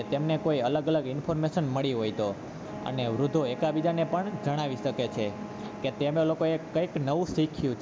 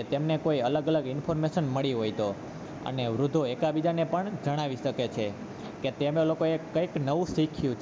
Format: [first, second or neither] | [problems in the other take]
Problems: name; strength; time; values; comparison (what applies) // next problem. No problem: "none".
second | background sound (Wind instrument, woodwind instrument); 17 dB below the speech